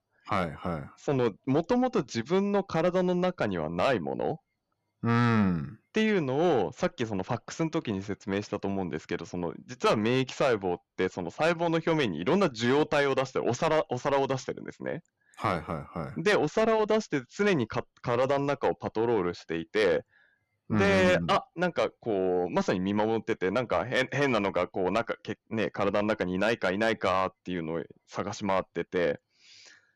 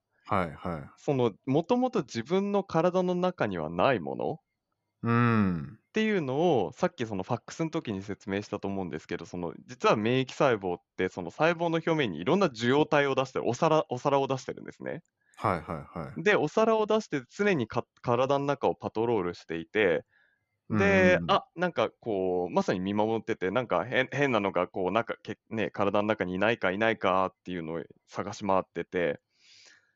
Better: second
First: distortion; slight; 10 dB below the speech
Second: none

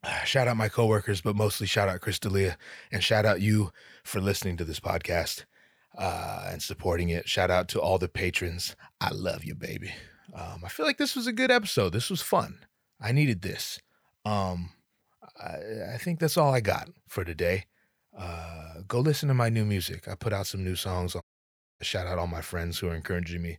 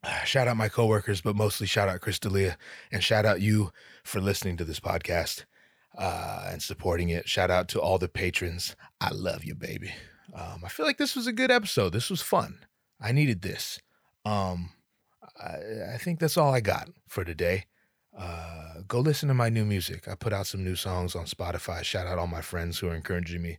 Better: second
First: audio cutting out; at 21 s for 0.5 s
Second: none

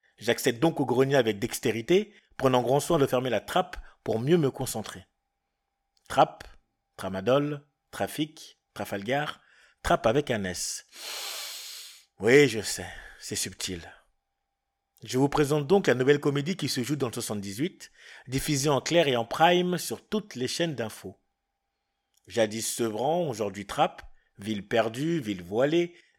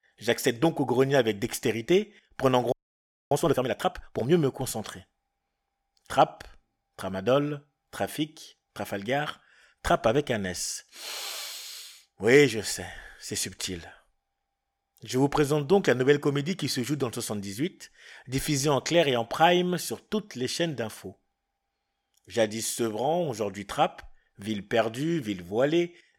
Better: first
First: none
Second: audio freezing; at 2.5 s for 0.5 s

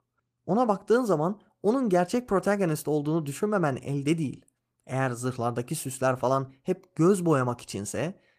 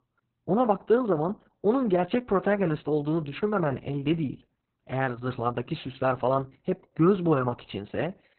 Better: first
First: garbled, watery; slightly; nothing above 14.5 kHz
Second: garbled, watery; badly; nothing above 4 kHz

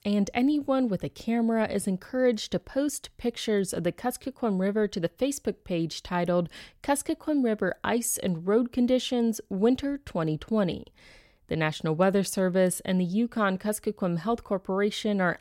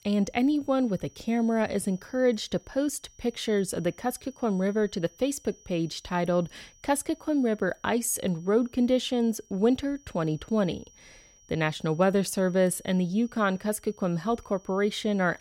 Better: first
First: none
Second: high-pitched whine; faint; throughout; 6 kHz, 30 dB below the speech

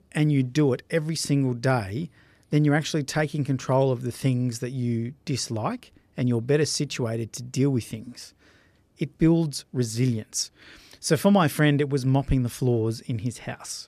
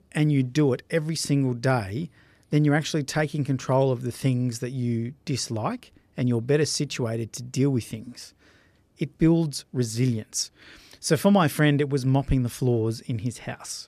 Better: neither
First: none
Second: none

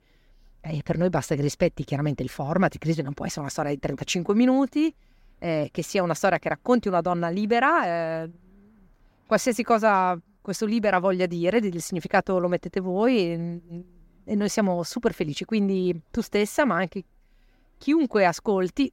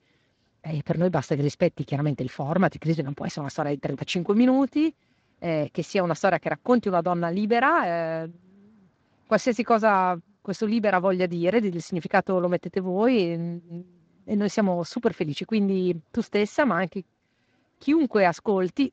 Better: first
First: none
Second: garbled, watery; slightly; nothing above 7.5 kHz

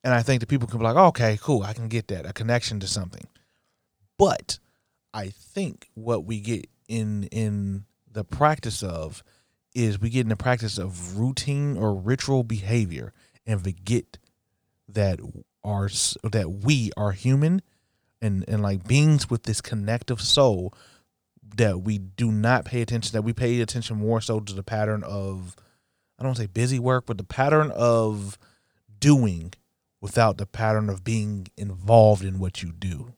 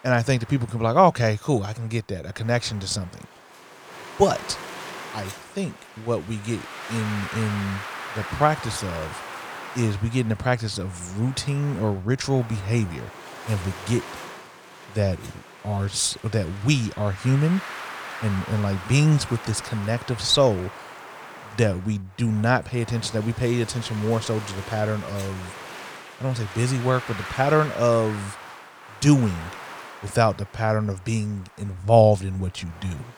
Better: first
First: none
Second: wind noise on the microphone; occasional gusts; 10 dB below the speech

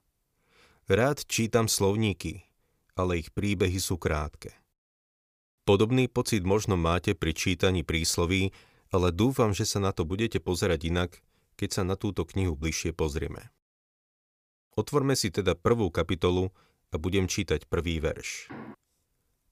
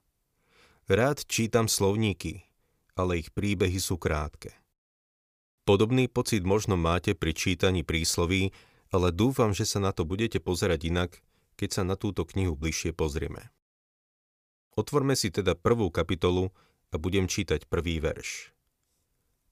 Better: second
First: door banging; faint; at 18 s; peak 15 dB below the speech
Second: none

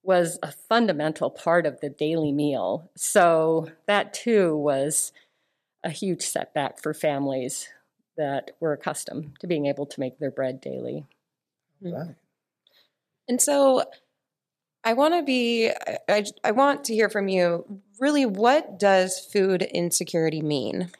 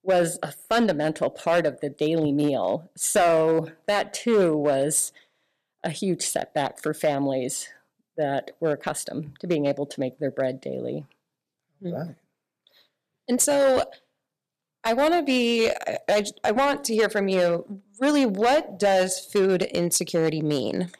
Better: first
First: none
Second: distortion; slight; 4% of the sound clipped

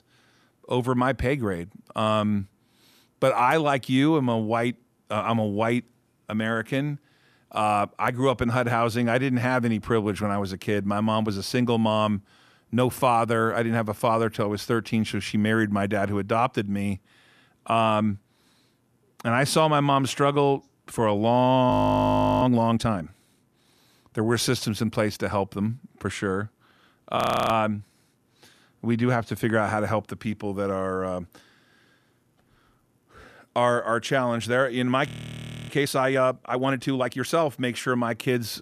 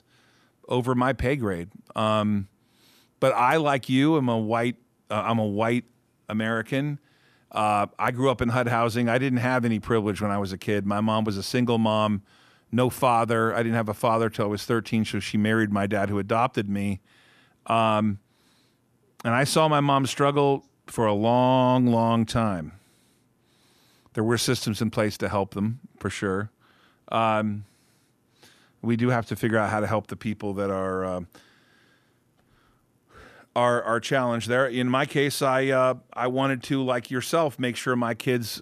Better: second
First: audio freezing; at 22 s for 0.5 s, at 27 s and at 35 s for 0.5 s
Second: none

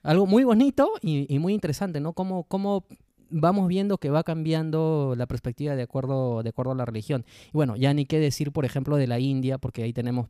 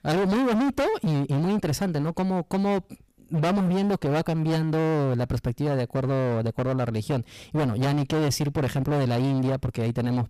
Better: first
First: none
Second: distortion; heavy; 29% of the sound clipped

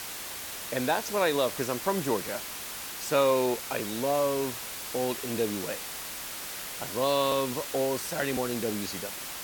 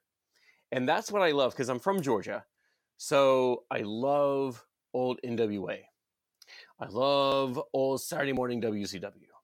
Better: second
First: hiss; loud; throughout; 6 dB below the speech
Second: none

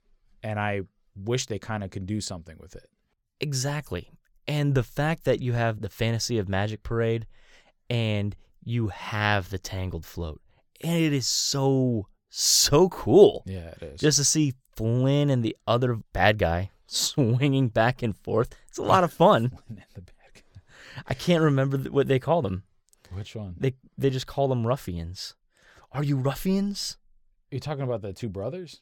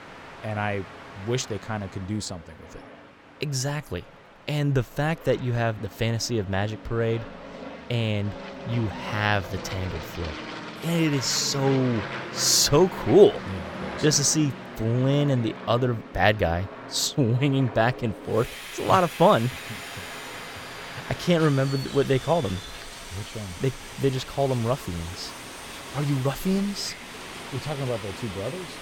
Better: first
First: none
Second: train or aircraft noise; noticeable; throughout; 10 dB below the speech

